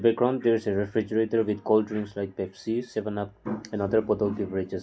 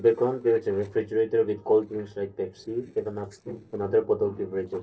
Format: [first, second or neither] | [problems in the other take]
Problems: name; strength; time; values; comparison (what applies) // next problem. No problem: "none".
first | noise reduction (neural separator model SepFormer DNS4)